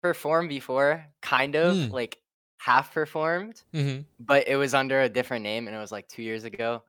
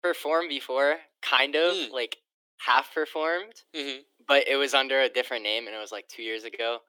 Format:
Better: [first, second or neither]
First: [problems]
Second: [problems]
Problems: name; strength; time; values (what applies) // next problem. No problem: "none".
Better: first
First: none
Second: thin; somewhat; fading below 300 Hz